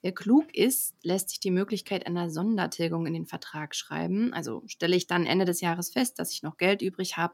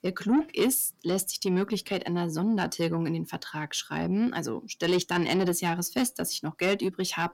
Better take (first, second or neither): first